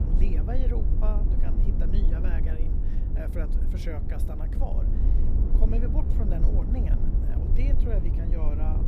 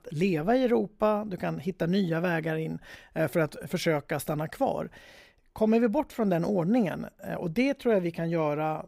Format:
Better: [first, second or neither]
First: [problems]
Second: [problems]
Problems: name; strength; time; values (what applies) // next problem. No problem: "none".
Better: second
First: low rumble; loud; throughout; 2 dB below the speech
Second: none